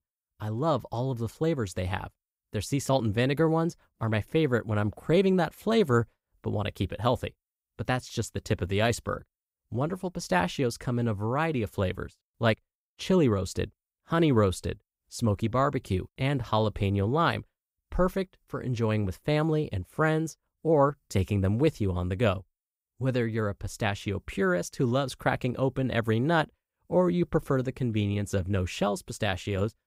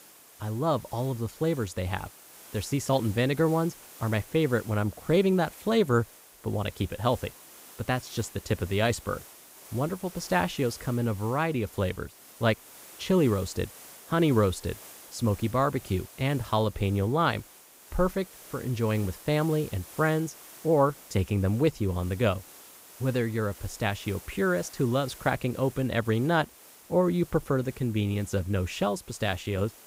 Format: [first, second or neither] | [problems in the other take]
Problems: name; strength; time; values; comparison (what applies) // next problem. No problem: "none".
first | hiss; noticeable; throughout; 20 dB below the speech